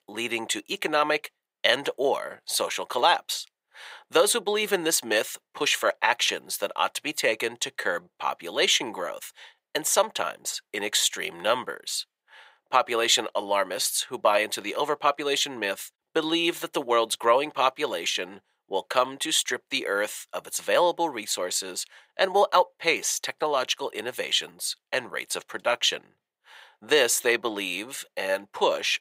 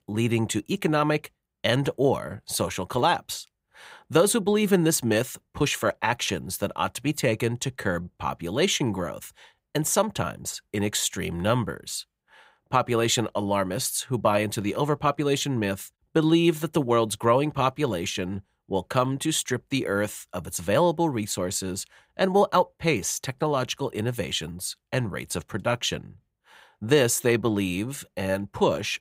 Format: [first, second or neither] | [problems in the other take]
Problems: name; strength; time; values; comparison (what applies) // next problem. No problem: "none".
second | thin; very; fading below 550 Hz